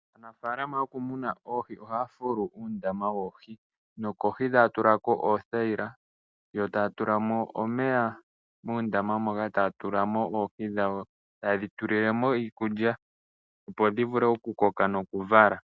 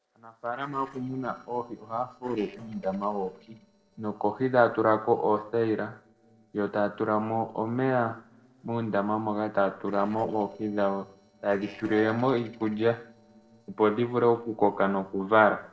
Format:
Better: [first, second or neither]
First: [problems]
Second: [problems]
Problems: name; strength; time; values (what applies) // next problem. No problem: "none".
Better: first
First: none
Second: noise reduction (neural separator model SepFormer DNS4)